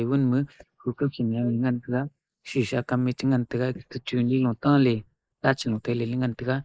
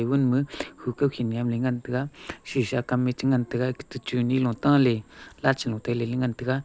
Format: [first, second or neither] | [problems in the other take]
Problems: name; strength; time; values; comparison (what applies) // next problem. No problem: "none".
second | noise reduction (neural mask model Resemble Enhance denoiser)